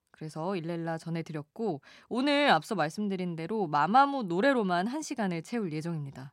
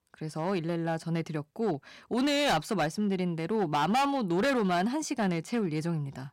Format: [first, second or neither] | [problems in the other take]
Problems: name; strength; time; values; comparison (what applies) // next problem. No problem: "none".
first | distortion; heavy; 10% of the sound clipped